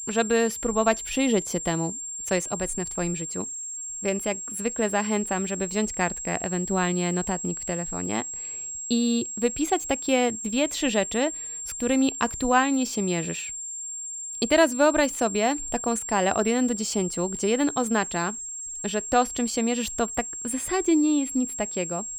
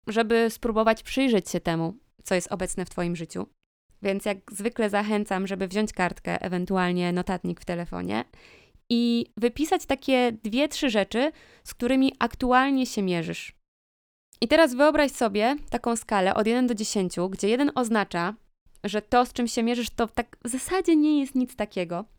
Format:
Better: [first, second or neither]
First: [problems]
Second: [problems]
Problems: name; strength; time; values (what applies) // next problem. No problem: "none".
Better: second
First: high-pitched whine; loud; throughout; 7.5 kHz, 6 dB below the speech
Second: none